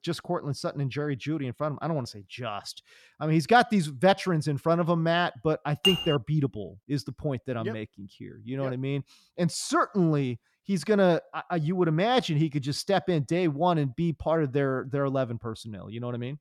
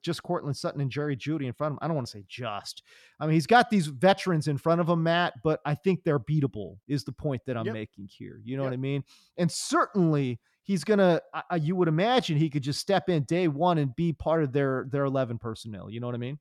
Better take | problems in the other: second | clattering dishes; loud; at 6 s; peak 2 dB above the speech

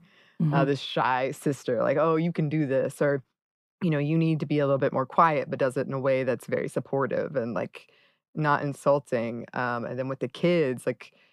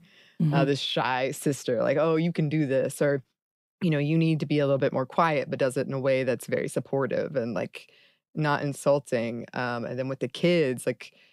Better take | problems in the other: second | muffled; very slightly; fading above 2.5 kHz

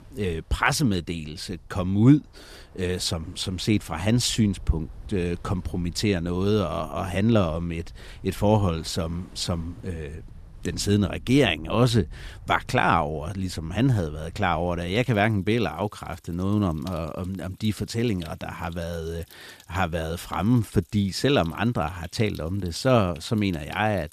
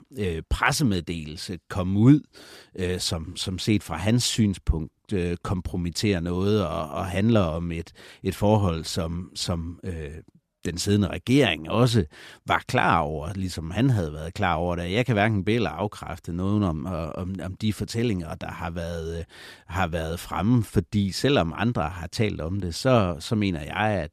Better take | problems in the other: second | rain or running water; faint; throughout; 25 dB below the speech

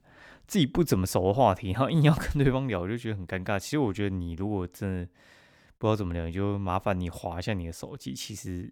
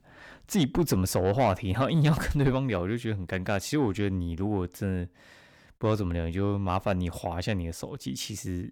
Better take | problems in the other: first | distortion; slight; 10 dB below the speech

